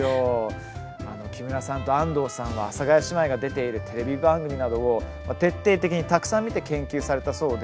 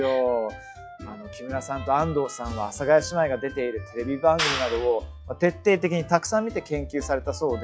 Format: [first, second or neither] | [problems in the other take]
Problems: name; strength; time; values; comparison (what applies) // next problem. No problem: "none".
first | noise reduction (classical method log-MMSE)